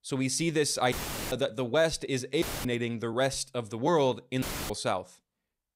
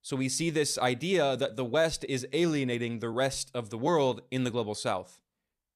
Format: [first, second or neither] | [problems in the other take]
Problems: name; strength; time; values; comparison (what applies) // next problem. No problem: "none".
second | audio cutting out; filled with static; at 1 s, at 2.5 s and at 4.5 s